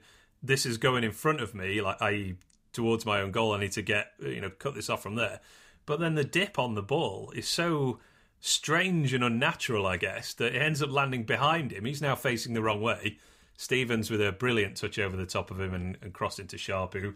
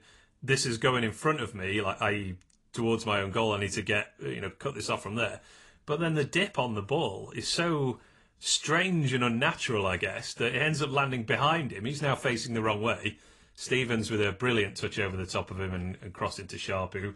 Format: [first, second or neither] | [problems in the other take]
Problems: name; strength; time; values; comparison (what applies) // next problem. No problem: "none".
first | garbled, watery; slightly